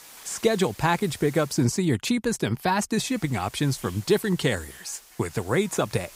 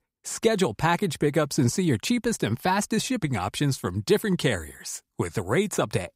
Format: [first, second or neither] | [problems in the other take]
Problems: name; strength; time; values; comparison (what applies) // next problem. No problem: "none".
second | hiss; faint; until 1.5 s and from 3 s on; 20 dB below the speech